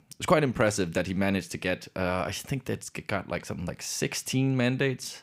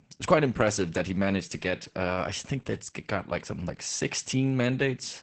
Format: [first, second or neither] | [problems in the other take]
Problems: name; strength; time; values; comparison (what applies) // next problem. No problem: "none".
first | garbled, watery; badly; nothing above 8 kHz